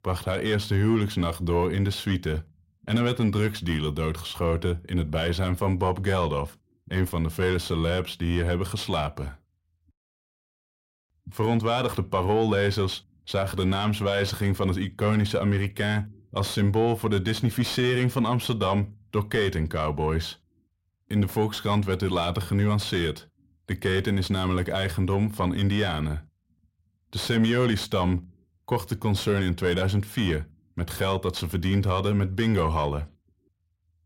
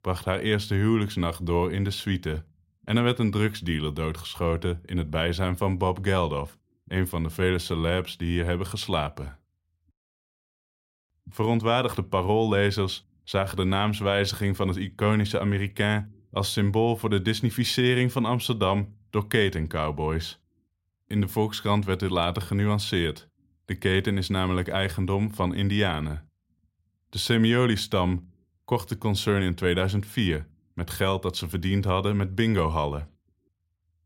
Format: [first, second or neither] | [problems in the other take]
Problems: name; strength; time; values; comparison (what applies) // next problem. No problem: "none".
second | distortion; slight; 10 dB below the speech